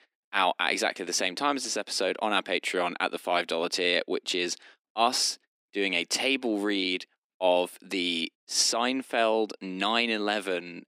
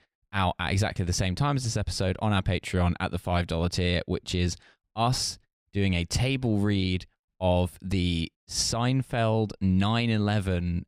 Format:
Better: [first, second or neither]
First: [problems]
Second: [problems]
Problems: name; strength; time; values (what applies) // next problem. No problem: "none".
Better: second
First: thin; somewhat; fading below 250 Hz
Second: none